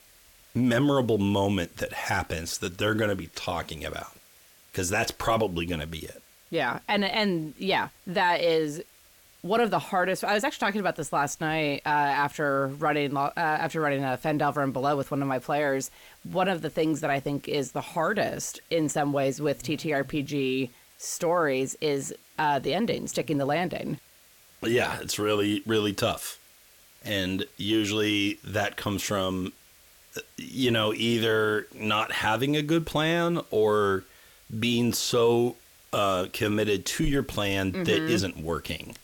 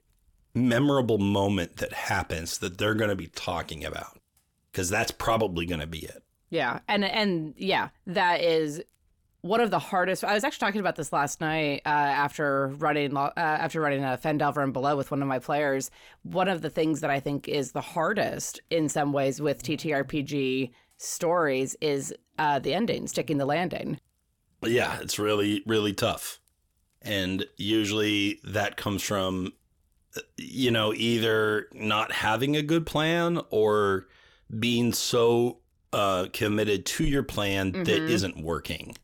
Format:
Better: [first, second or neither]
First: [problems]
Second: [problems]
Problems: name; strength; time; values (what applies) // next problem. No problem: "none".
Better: second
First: hiss; faint; throughout; 25 dB below the speech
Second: none